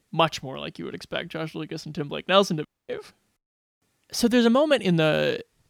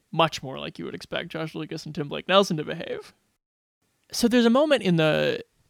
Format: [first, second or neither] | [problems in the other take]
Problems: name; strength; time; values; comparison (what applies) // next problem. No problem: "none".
second | audio cutting out; at 2.5 s